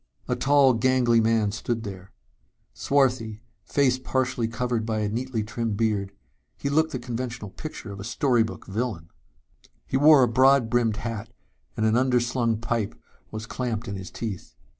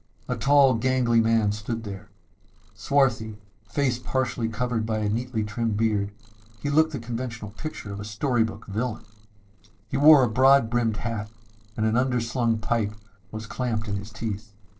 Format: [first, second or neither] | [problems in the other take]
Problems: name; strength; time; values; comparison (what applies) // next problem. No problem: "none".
first | noise reduction (neural separator model SepFormer DNS4)